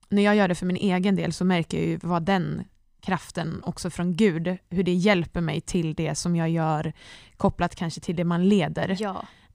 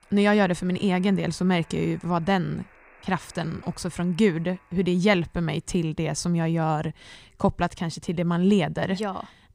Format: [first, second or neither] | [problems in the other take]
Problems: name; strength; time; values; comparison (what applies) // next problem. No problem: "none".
first | alarms or sirens; faint; throughout; 30 dB below the speech